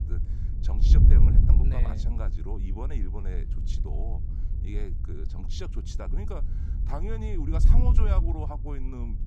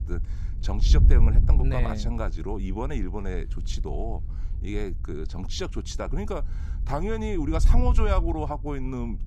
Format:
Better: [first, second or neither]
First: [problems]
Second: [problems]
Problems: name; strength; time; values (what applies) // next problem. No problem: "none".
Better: second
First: wind noise on the microphone; heavy; 3 dB below the speech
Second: wind noise on the microphone; occasional gusts; 15 dB below the speech